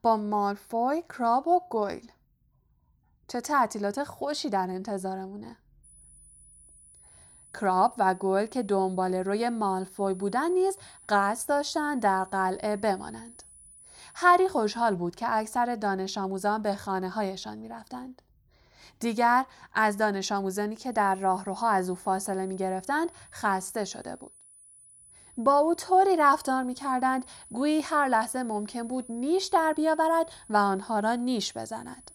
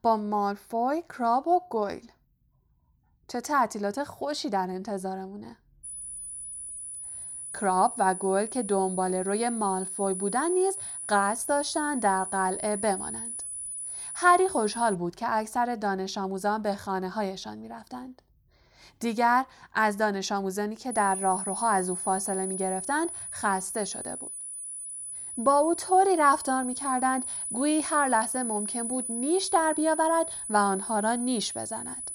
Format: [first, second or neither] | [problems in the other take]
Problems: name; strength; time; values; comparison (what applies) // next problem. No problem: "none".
first | high-pitched whine; loud; from 6 to 15 s and from 21 s on; 10 kHz, 6 dB below the speech; faint in the first